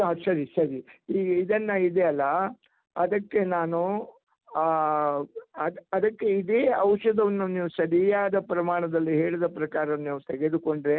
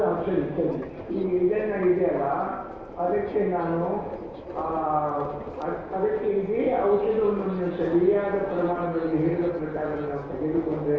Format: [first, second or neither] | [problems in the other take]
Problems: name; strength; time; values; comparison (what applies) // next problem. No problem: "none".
first | background sound (Subway, metro, underground); 12 dB below the speech // room echo; dies away in 1.1 s